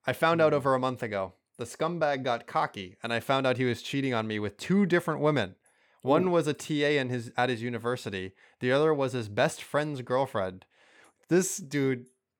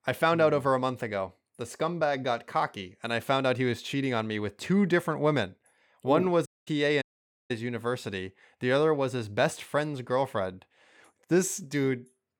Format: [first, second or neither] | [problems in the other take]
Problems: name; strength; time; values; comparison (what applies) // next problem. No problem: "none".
first | audio cutting out; at 6.5 s and at 7 s